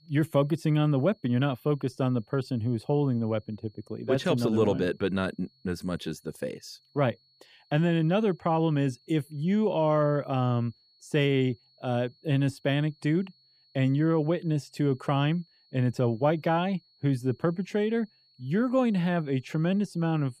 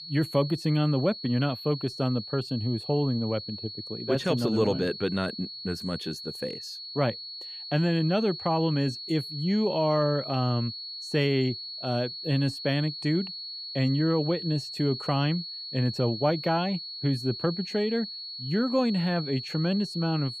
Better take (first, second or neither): first